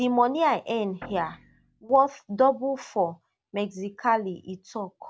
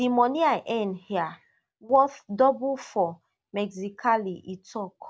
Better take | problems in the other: second | background sound (Guitar); 20 dB below the speech

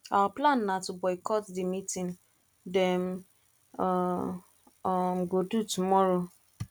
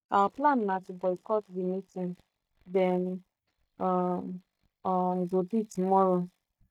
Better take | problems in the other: first | noise reduction (neural mask model DeepFilterNet 3)

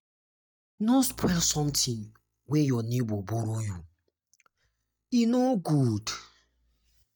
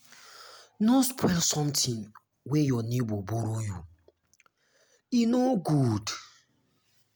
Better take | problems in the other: second | noise reduction (neural mask model DeepFilterNet 3)

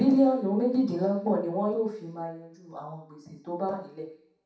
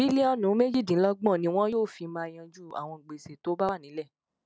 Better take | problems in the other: second | room echo; dies away in 0.7 s

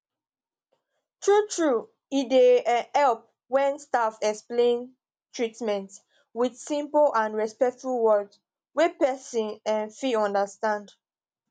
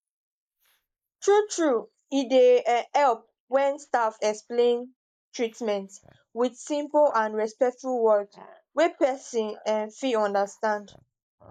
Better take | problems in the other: first | noise reduction (neural mask model Resemble Enhance denoiser)

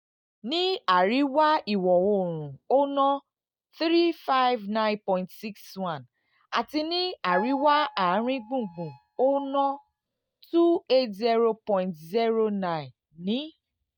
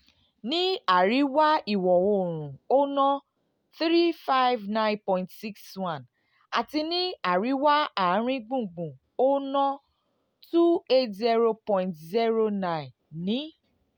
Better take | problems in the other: second | noise reduction (neural mask model DeepFilterNet 3)

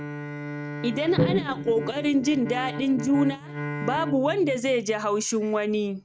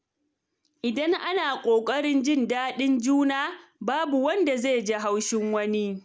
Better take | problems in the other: second | noise reduction (neural mask model RNNoise)

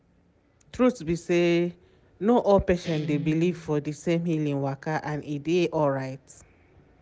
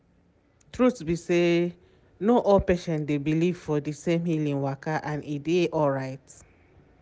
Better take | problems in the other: second | background sound (Guitar); 14 dB below the speech

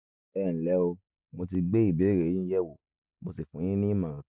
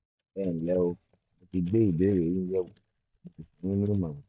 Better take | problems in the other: first | noise reduction (neural mask model DeepFilterNet 3)

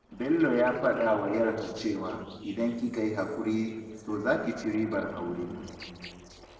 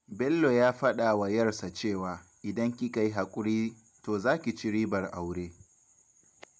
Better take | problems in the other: second | noise reduction (neural separator model SepFormer DNS4)

